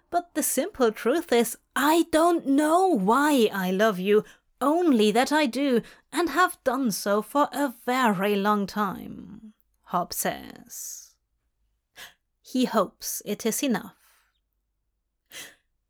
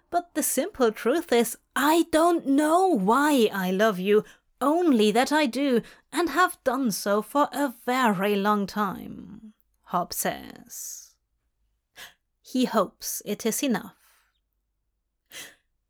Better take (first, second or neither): neither